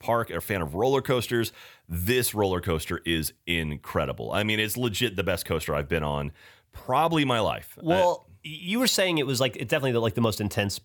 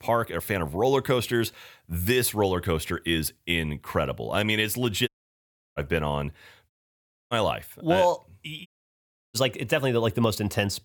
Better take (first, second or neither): first